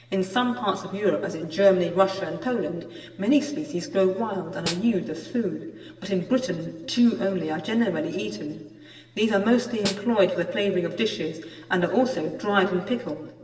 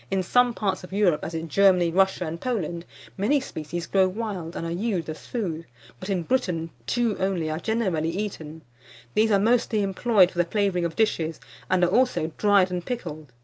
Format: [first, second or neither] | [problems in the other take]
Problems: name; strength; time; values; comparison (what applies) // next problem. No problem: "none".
second | background sound (Snare drum); 11 dB below the speech // room echo; dies away in 1.4 s